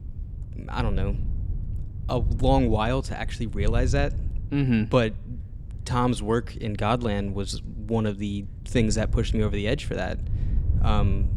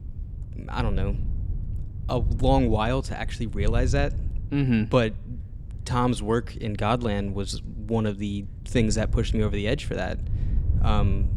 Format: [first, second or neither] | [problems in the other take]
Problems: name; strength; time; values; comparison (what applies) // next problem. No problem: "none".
neither | wind noise on the microphone; occasional gusts; 20 dB below the speech; the same in both